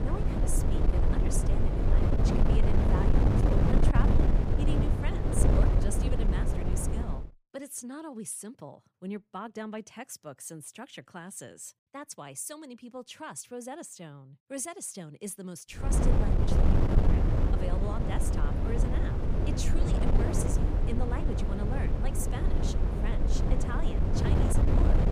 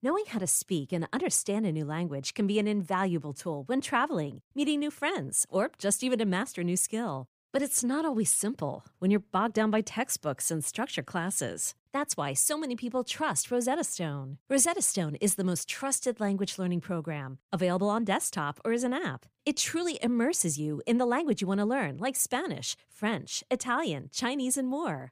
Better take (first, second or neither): second